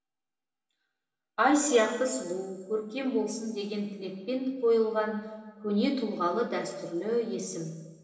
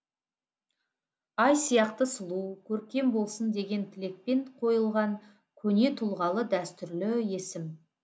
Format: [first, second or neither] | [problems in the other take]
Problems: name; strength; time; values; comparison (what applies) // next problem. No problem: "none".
second | room echo; dies away in 1.3 s